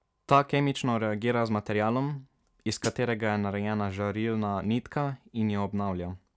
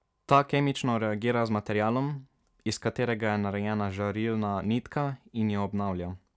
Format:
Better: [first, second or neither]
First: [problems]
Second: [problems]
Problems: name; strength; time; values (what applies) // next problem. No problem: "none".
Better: second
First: background sound (Hi-hat); 11 dB below the speech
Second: none